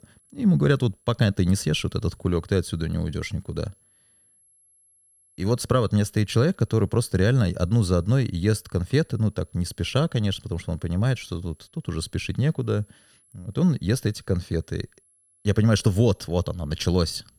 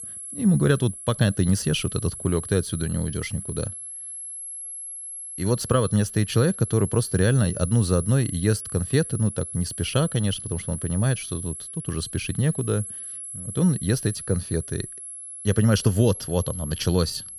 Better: first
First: high-pitched whine; faint; throughout; 11 kHz, 35 dB below the speech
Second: high-pitched whine; loud; throughout; 11 kHz, 9 dB below the speech

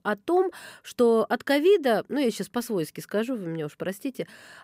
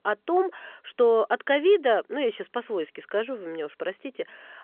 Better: first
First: none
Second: phone-call audio; nothing above 3.5 kHz

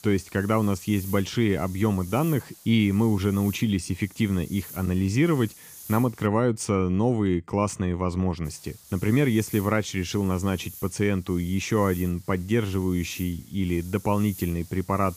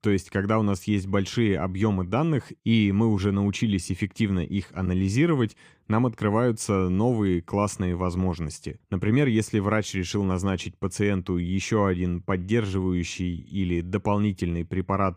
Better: second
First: hiss; noticeable; until 6.5 s and from 8.5 s on; 20 dB below the speech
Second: none

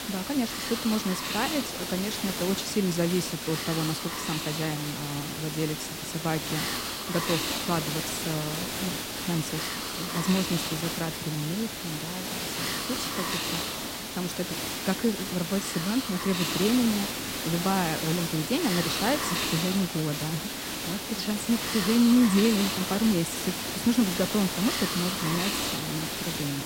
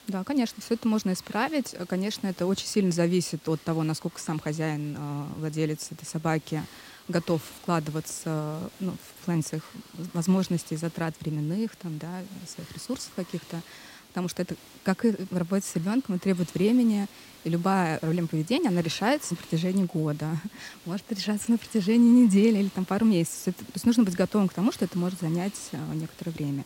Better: second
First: hiss; loud; throughout; 1 dB below the speech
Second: hiss; faint; throughout; 20 dB below the speech

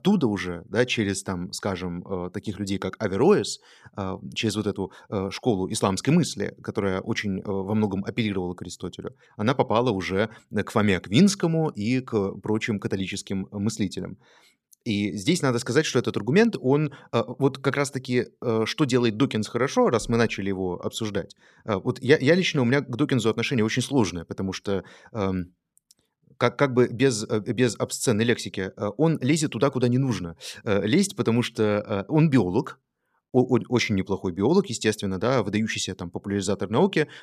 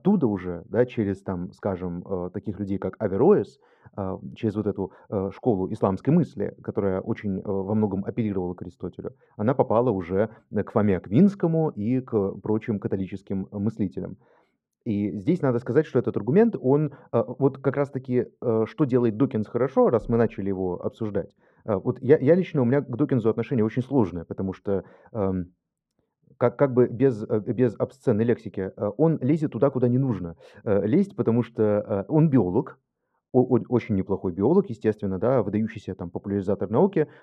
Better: first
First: none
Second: muffled; very; fading above 2.5 kHz

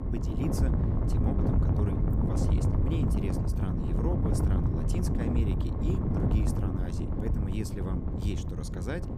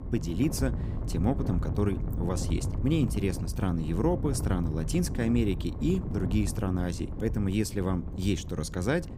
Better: second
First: wind noise on the microphone; heavy; 3 dB above the speech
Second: wind noise on the microphone; occasional gusts; 10 dB below the speech

